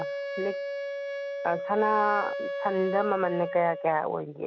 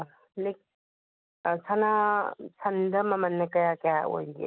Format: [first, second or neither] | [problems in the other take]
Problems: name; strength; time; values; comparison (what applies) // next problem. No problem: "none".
second | background sound (Wind instrument, woodwind instrument); 5 dB below the speech